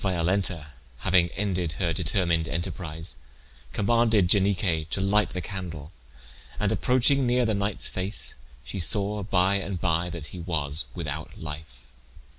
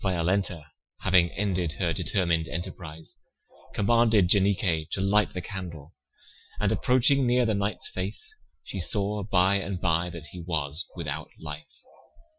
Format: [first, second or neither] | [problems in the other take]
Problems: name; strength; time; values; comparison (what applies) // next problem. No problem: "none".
first | noise reduction (classical method Wiener filter)